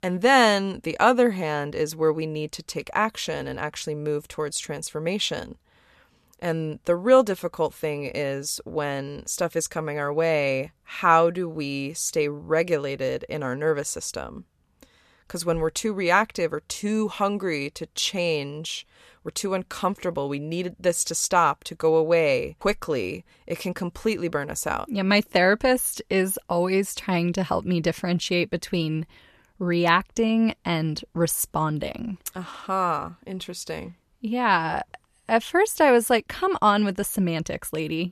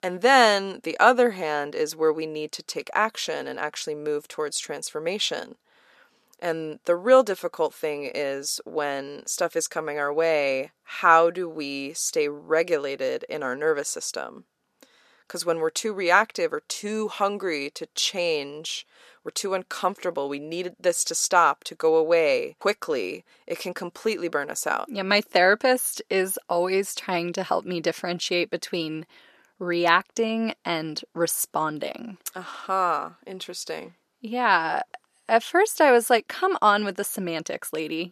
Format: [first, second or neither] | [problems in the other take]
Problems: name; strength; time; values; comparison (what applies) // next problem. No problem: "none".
first | thin; somewhat; fading below 350 Hz